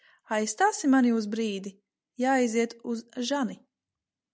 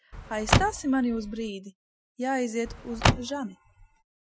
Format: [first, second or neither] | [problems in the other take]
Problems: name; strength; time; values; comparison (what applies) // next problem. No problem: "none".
first | noise reduction (classical method Wiener filter)